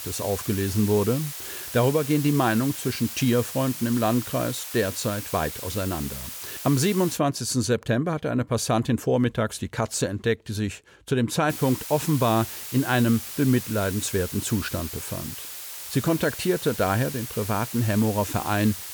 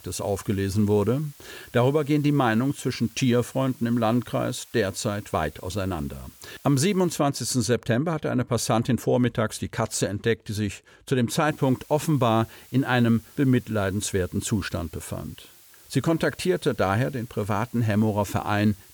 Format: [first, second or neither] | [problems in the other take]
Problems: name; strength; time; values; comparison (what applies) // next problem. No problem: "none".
second | hiss; loud; until 7 s and from 12 s on; 9 dB below the speech; faint in the second